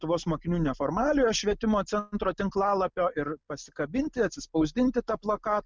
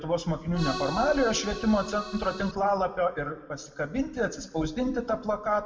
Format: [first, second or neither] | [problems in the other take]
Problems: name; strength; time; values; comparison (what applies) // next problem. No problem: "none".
first | background sound (Accordion); 9 dB below the speech // room echo; dies away in 1.1 s